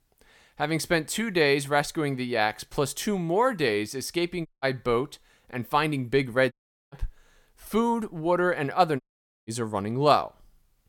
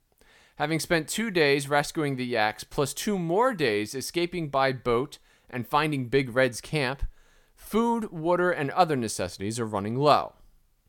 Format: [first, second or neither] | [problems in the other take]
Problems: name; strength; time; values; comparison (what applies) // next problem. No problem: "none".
second | audio cutting out; at 4.5 s, at 6.5 s and at 9 s